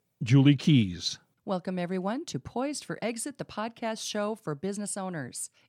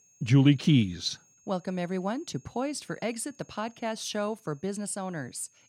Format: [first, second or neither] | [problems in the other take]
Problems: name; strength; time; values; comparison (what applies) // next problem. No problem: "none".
first | high-pitched whine; faint; throughout; 6.5 kHz, 30 dB below the speech